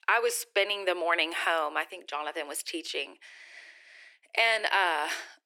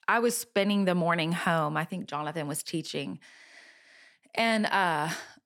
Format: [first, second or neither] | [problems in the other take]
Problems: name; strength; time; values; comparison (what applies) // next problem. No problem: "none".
second | thin; very; fading below 350 Hz